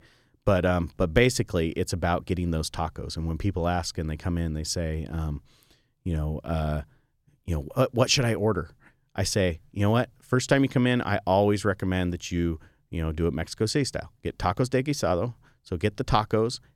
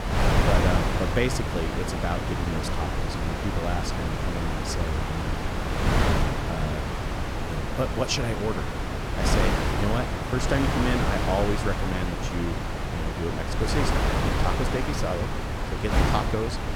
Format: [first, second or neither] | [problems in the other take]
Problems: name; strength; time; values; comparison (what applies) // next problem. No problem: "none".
first | wind noise on the microphone; heavy; 2 dB above the speech